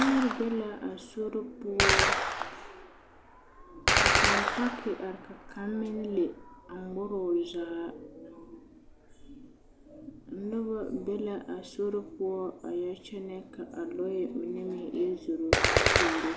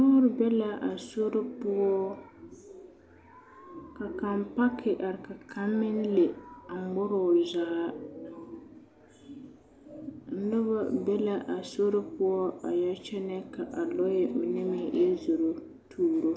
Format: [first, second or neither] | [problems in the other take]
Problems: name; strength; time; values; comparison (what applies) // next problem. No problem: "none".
second | background sound (Gunshot, gunfire); 1 dB above the speech